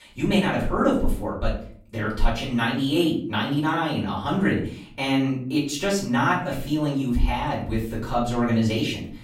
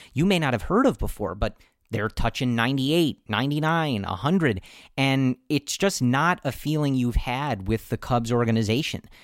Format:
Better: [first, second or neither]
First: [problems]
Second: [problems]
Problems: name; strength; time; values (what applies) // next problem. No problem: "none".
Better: second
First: off-mic speech; far // room echo; slight; dies away in 0.4 s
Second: none